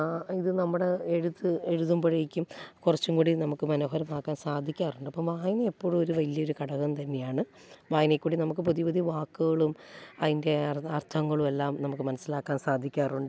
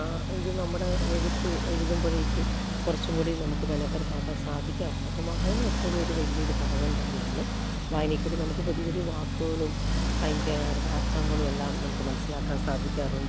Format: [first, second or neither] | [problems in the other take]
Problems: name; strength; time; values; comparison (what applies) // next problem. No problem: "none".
first | background sound (Accelerating, revving, vroom); 5 dB above the speech